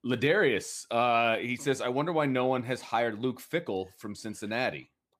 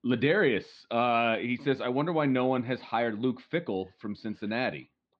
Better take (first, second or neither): first